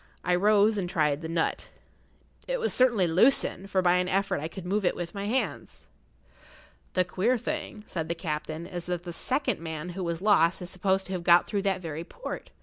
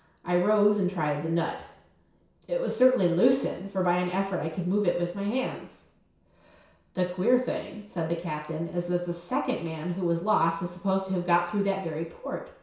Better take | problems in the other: first | room echo; dies away in 0.6 s

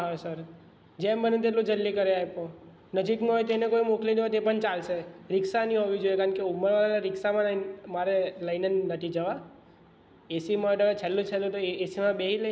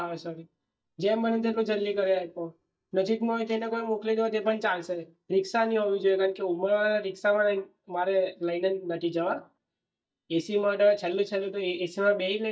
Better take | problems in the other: first | noise reduction (neural mask model DeepFilterNet 3)

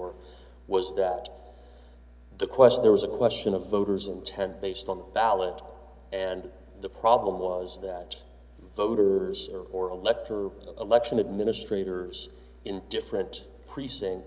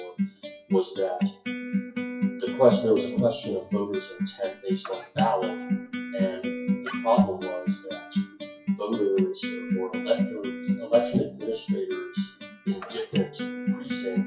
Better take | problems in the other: first | noise reduction (classical method WPE with log-MMSE)

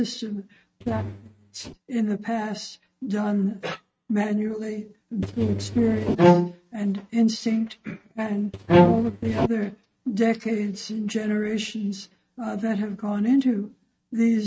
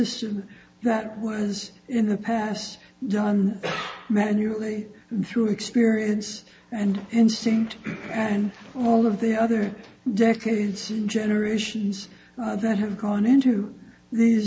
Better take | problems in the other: second | noise reduction (neural mask model RNNoise)

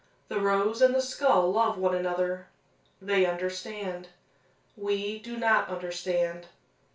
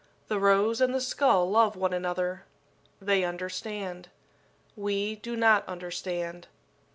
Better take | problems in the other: second | room echo; dies away in 0.3 s

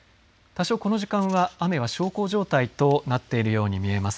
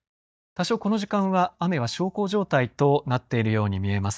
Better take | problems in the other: first | noise reduction (neural mask model DeepFilterNet 3)

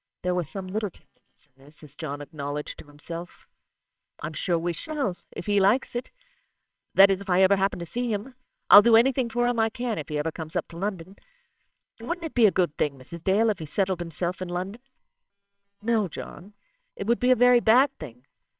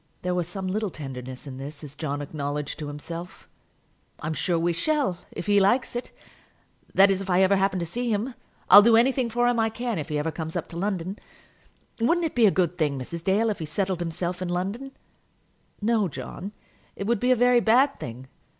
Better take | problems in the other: second | noise reduction (neural separator model SepFormer WHAMR!)

